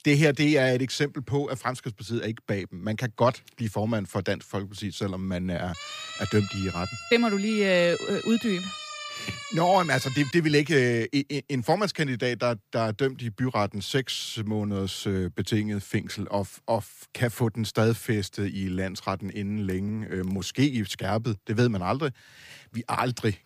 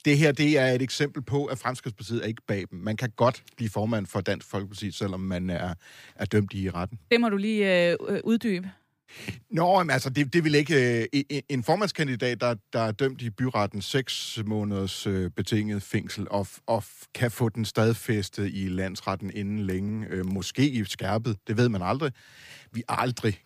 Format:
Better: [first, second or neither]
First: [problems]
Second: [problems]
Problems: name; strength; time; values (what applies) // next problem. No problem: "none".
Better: second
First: siren; noticeable; from 5.5 to 10 s; peak 8 dB below the speech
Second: none